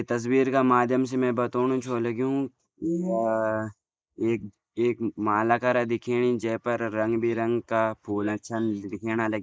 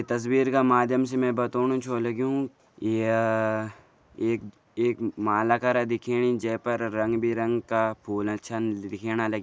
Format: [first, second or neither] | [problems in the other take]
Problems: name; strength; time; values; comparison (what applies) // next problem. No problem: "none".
second | noise reduction (neural mask model Resemble Enhance denoiser)